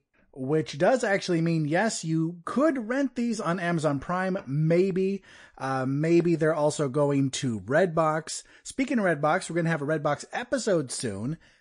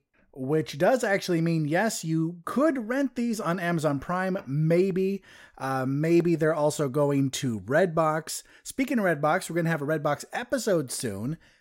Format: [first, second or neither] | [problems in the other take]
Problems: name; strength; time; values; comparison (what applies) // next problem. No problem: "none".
second | garbled, watery; slightly; nothing above 10 kHz